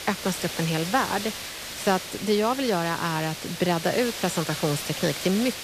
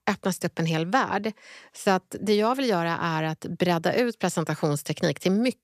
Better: second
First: hiss; loud; throughout; 6 dB below the speech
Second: none

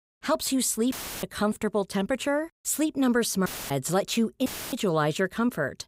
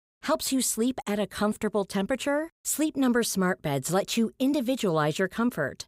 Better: second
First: audio cutting out; filled with static; at 1 s, at 3.5 s and at 4.5 s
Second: none

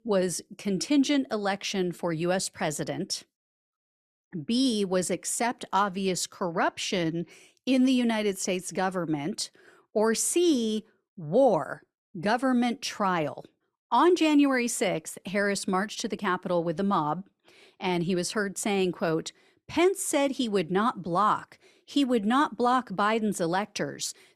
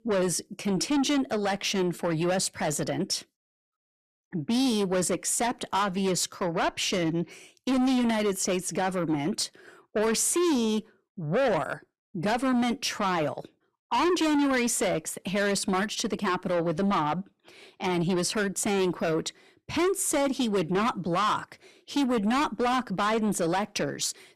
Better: first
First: none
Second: distortion; heavy; 8 dB below the speech

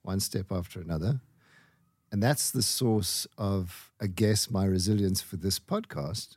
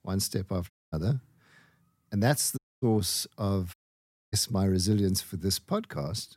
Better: first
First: none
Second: audio cutting out; at 0.5 s, at 2.5 s and at 3.5 s for 0.5 s

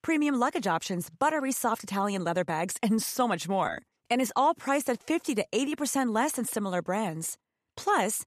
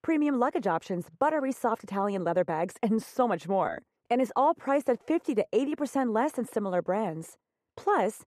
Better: first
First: none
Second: muffled; very; fading above 3 kHz

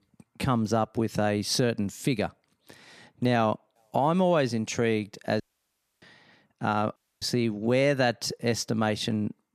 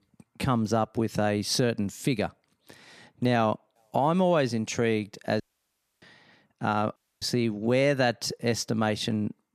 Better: neither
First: audio cutting out; at 5.5 s for 0.5 s and at 7 s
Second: audio cutting out; at 5.5 s for 0.5 s and at 7 s

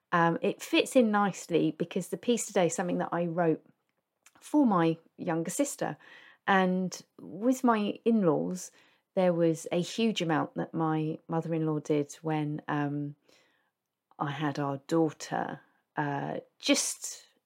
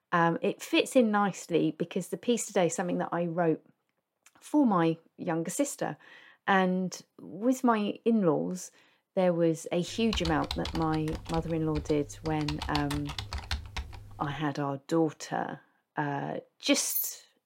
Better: first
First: none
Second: keyboard typing; noticeable; from 10 to 14 s; peak 6 dB below the speech // jangling keys; noticeable; at 17 s; peak 2 dB below the speech

